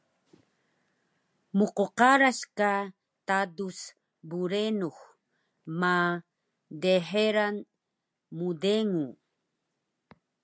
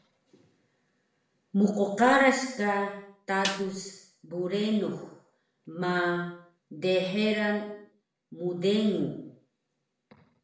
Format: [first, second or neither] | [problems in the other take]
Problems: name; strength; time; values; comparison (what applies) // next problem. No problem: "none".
first | background sound (Snare drum); 11 dB below the speech // room echo; dies away in 0.7 s